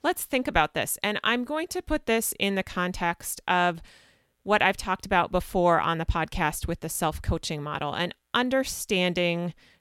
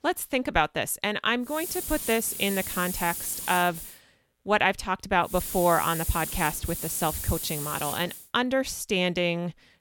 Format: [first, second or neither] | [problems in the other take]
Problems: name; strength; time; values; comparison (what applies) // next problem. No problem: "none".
first | hiss; loud; from 1.5 to 4 s and from 5.5 to 8 s; 6 dB below the speech